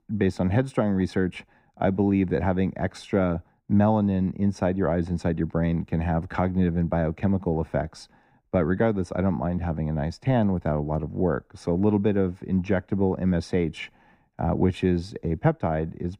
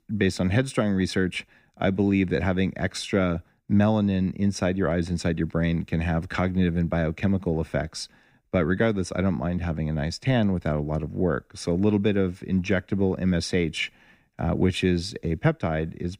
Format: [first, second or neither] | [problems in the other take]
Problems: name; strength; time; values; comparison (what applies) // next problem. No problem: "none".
second | muffled; slightly; fading above 2 kHz